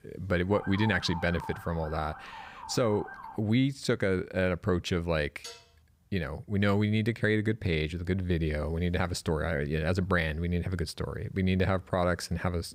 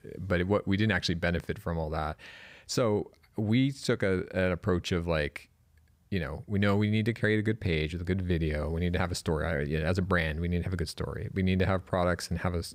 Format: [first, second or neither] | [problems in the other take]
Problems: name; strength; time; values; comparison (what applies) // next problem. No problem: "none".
second | siren; noticeable; until 3.5 s; peak 10 dB below the speech // clattering dishes; faint; at 5.5 s; peak 15 dB below the speech